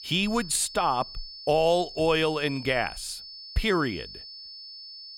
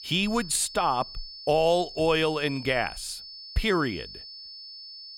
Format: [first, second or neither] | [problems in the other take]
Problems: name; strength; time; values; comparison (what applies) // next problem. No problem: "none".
neither | high-pitched whine; noticeable; throughout; 5 kHz, 15 dB below the speech; the same in both